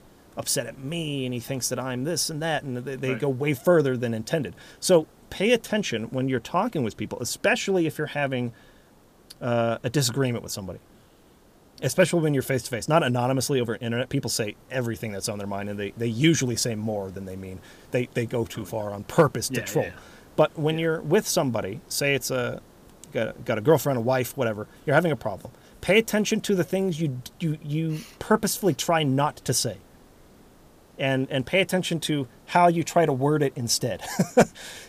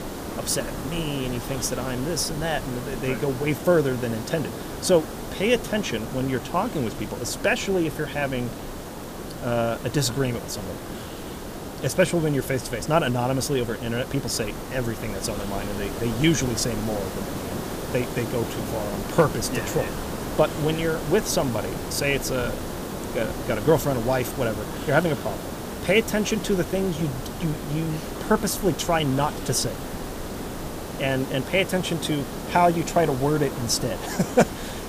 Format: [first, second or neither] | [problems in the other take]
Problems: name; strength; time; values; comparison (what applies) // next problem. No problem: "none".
first | hiss; loud; throughout; 8 dB below the speech; faint in the first